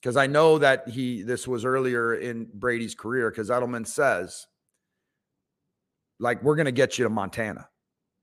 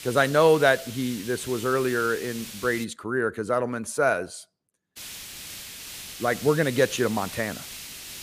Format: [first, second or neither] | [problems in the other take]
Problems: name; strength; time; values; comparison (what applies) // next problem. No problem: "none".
first | hiss; noticeable; until 3 s and from 5 s on; 15 dB below the speech